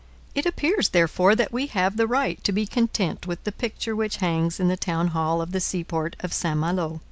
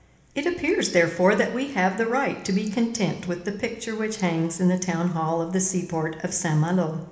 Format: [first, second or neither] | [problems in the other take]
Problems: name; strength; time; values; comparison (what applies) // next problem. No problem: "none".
first | room echo; dies away in 1 s